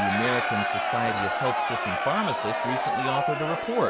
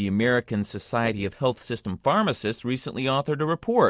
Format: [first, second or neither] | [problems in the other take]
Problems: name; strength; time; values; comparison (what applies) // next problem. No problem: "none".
second | background sound (Crowd); 3 dB above the speech